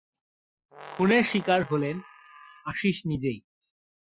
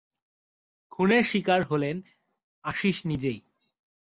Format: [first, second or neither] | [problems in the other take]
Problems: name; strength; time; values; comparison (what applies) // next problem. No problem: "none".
second | noise reduction (classical method Wiener filter)